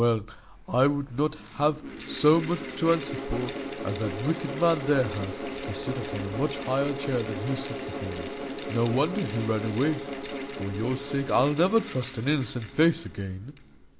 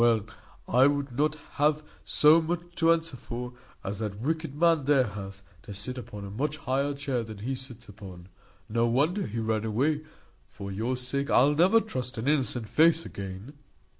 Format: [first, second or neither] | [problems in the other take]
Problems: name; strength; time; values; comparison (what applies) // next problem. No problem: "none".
second | background sound (Mechanical fan); 8 dB below the speech